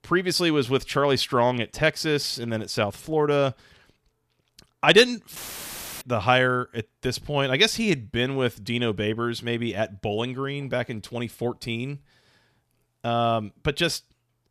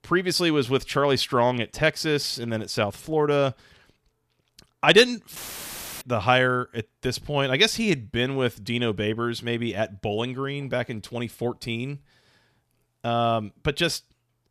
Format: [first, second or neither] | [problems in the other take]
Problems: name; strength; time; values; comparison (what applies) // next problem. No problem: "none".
neither | audio cutting out; filled with static; at 5.5 s for 0.5 s; the same in both